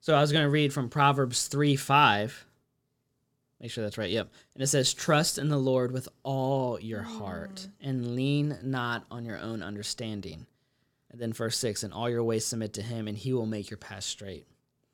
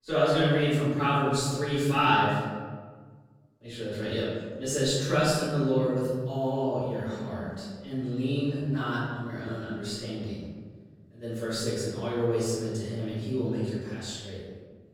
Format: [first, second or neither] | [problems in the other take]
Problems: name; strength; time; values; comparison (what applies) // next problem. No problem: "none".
first | off-mic speech; far // room echo; strong; dies away in 1.5 s